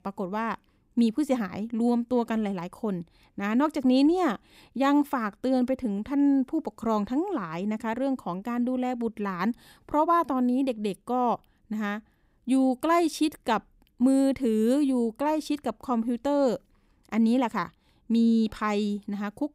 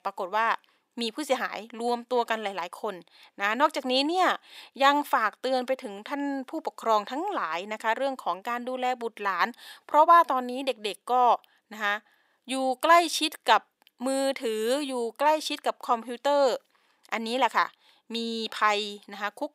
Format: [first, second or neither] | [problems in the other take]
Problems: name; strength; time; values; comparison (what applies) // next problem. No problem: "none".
first | thin; very; fading below 700 Hz